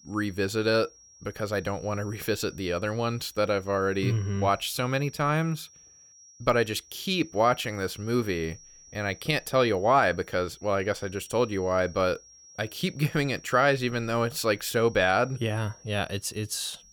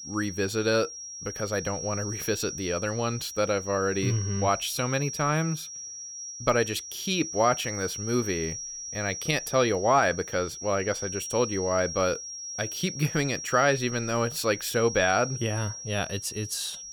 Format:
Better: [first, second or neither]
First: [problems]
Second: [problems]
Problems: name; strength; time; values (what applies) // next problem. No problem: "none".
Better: first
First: high-pitched whine; faint; throughout; 5.5 kHz, 25 dB below the speech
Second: high-pitched whine; loud; throughout; 5.5 kHz, 8 dB below the speech